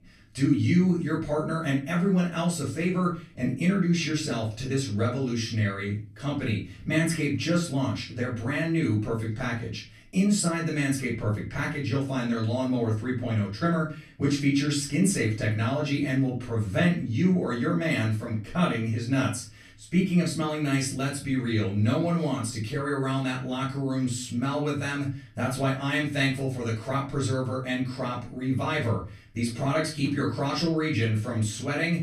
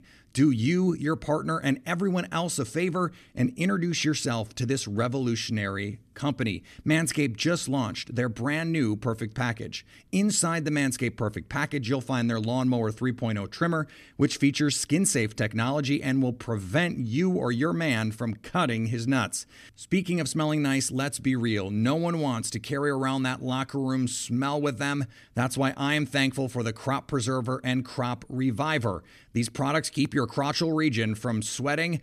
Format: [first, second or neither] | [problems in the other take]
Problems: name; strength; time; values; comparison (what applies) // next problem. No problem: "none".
second | off-mic speech; far // room echo; slight; dies away in 0.3 s